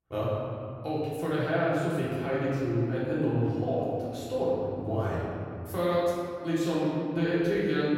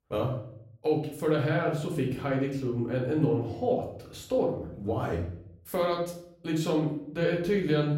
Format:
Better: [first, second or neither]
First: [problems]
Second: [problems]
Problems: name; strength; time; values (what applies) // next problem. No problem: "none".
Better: second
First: room echo; strong; dies away in 2.3 s // off-mic speech; far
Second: room echo; slight; dies away in 0.6 s // off-mic speech; far